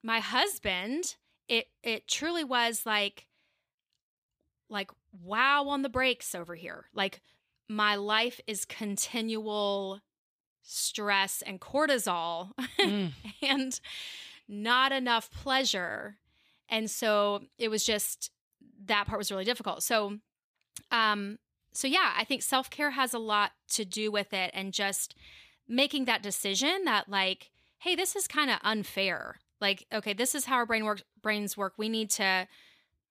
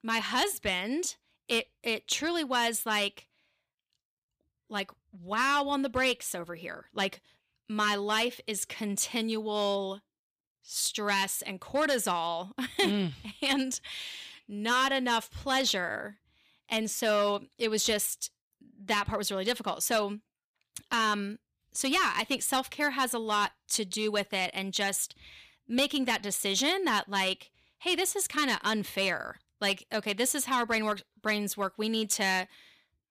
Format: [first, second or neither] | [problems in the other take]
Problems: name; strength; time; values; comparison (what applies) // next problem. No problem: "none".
first | distortion; slight; 3% of the sound clipped